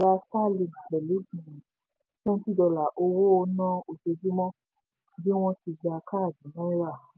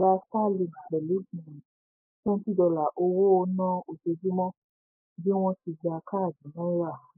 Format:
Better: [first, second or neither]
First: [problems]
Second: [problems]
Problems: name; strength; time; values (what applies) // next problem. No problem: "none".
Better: first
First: none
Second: noise reduction (neural mask model Resemble Enhance denoiser)